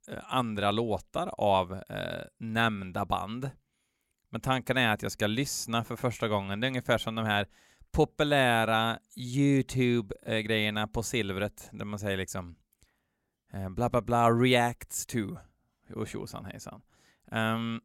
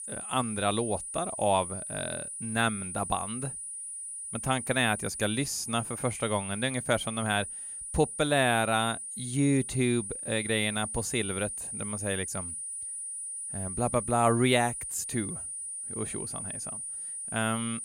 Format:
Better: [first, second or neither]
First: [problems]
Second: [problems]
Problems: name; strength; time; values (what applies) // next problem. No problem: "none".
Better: first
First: none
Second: high-pitched whine; loud; throughout; 9.5 kHz, 6 dB below the speech